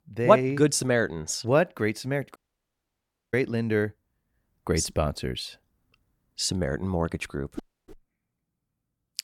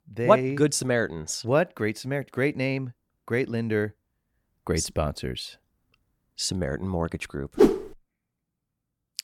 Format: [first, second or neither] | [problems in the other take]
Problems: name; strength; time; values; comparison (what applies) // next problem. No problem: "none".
second | audio cutting out; at 2.5 s for 1 s and at 7.5 s